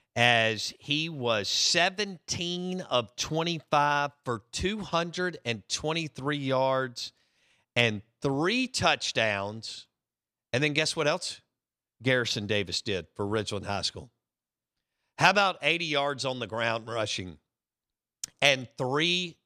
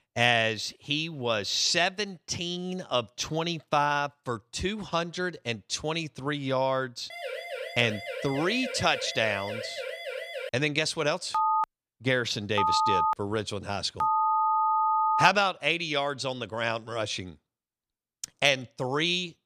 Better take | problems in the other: first | siren; noticeable; from 7 to 10 s; peak 7 dB below the speech // phone ringing; loud; from 11 to 15 s; peak 4 dB above the speech

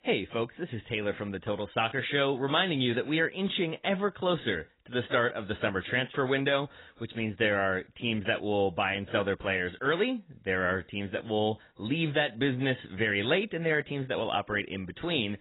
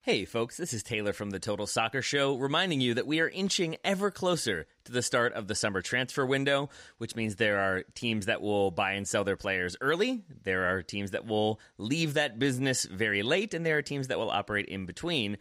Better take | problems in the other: second | garbled, watery; badly; nothing above 4 kHz

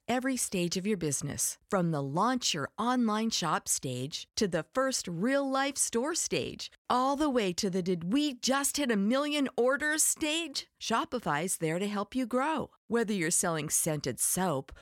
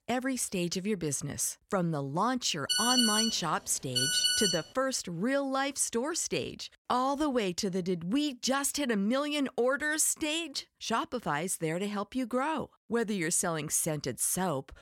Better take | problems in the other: first | phone ringing; loud; from 2.5 to 4.5 s; peak 6 dB above the speech

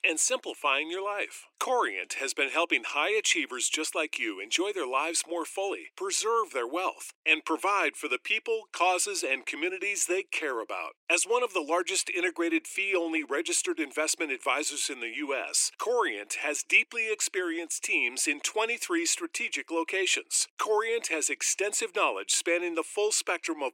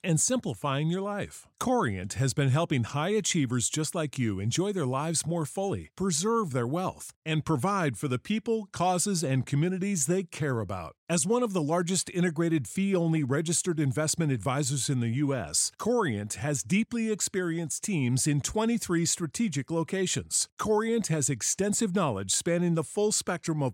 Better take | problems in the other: second | thin; very; fading below 300 Hz

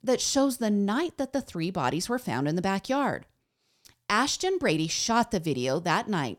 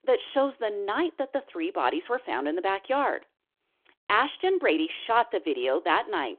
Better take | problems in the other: first | phone-call audio

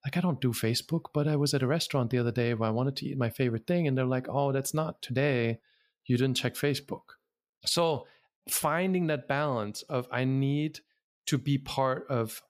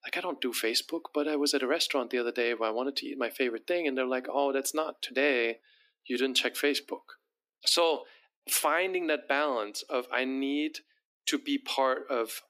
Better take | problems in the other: first | thin; somewhat; fading below 250 Hz

